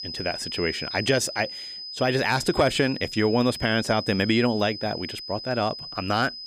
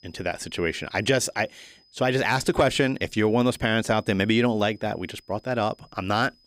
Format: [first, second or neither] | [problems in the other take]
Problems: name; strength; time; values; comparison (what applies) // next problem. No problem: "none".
second | high-pitched whine; loud; throughout; 5 kHz, 9 dB below the speech; faint in the second